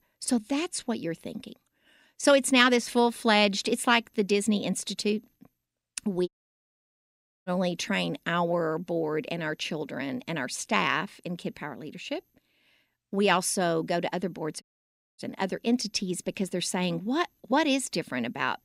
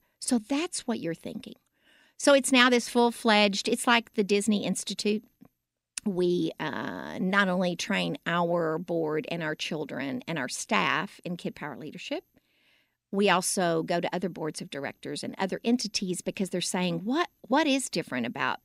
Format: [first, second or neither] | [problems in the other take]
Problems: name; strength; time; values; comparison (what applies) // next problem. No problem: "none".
second | audio cutting out; at 6.5 s for 1 s and at 15 s for 0.5 s